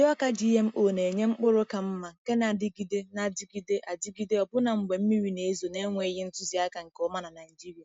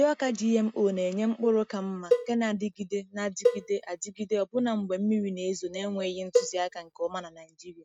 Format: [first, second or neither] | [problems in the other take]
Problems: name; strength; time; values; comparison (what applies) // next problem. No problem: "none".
first | noise reduction (neural mask model RNNoise)